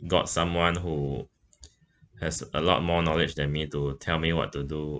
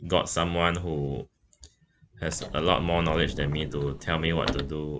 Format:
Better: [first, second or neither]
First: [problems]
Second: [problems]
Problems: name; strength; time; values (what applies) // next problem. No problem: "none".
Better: first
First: none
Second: background sound (Sliding door / Slam / Wood); 8 dB below the speech